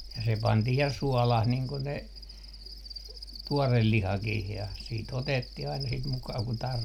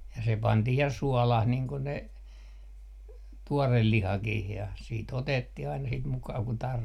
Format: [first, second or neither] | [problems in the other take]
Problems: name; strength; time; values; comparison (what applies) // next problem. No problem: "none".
second | background sound (Cricket); 16 dB below the speech